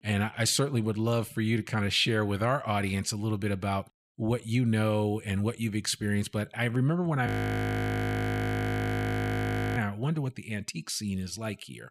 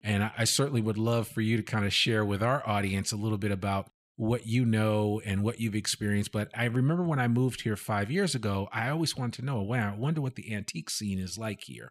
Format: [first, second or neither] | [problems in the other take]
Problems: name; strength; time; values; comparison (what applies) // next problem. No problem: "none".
second | audio freezing; at 7.5 s for 2.5 s